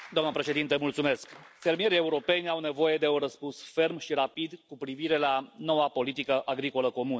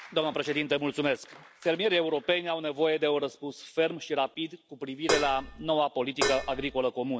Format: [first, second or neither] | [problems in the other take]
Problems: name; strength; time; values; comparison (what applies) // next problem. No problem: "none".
first | background sound (Dishes, pots, and pans); 3 dB below the speech